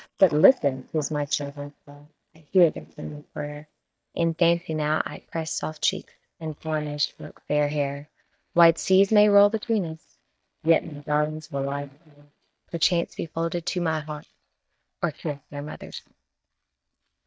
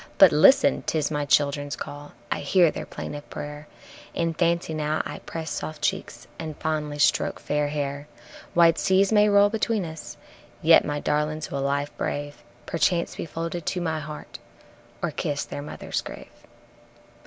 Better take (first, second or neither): second